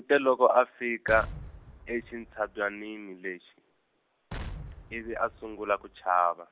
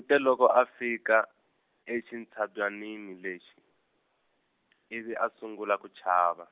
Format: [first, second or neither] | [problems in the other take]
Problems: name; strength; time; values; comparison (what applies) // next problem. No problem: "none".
second | background sound (Explosion); 14 dB below the speech